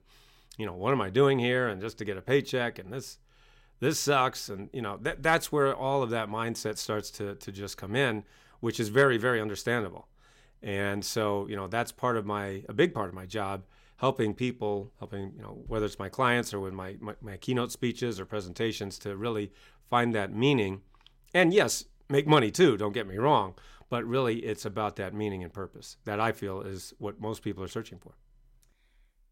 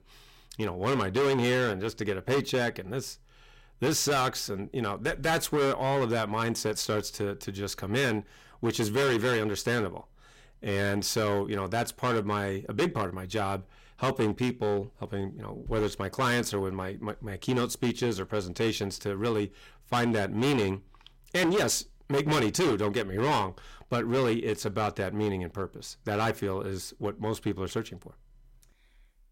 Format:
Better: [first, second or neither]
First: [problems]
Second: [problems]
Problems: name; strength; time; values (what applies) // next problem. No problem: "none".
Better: first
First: none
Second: distortion; heavy; 10% of the sound clipped